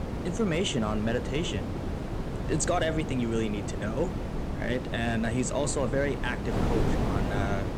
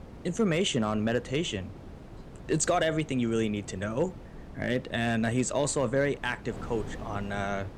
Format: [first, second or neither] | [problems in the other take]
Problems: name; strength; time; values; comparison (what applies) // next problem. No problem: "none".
second | wind noise on the microphone; heavy; 5 dB below the speech; occasional gusts in the second